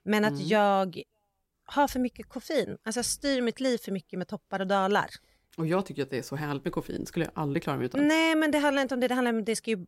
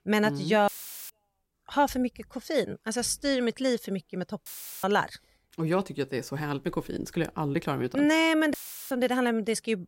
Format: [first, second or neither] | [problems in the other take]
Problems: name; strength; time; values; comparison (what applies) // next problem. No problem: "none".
first | audio cutting out; filled with static; at 0.5 s, at 4.5 s and at 8.5 s